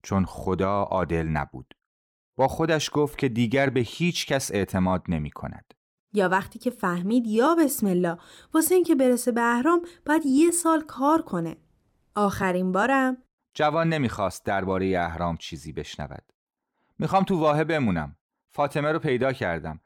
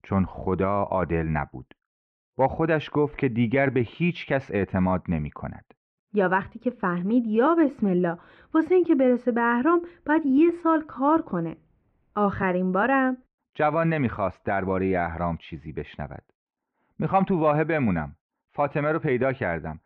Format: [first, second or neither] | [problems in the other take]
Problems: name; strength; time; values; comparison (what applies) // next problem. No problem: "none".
first | muffled; very; fading above 2.5 kHz